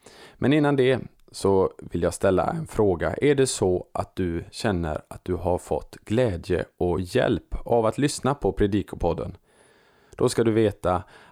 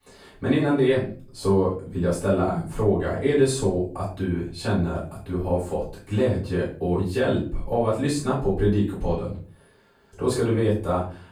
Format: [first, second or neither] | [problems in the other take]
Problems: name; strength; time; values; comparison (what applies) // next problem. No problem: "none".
first | room echo; slight; dies away in 0.4 s // off-mic speech; far